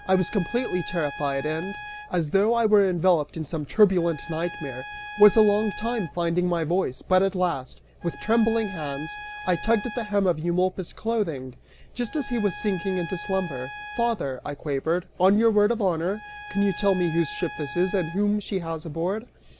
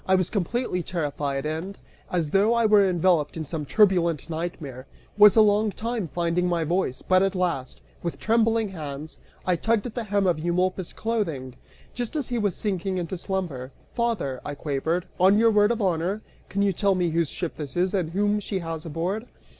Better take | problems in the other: second | background sound (Trumpet); 16 dB below the speech

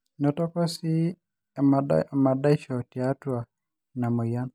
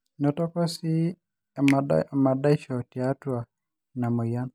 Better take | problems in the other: first | background sound (Finger snapping); 18 dB below the speech

